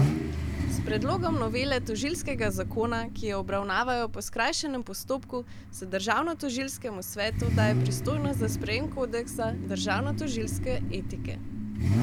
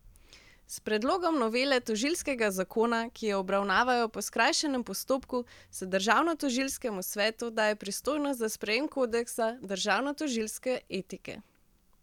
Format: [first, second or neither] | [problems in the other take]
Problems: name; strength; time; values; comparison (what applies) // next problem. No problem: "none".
second | background sound (Idling / Accelerating, revving, vroom / Car); as loud as the speech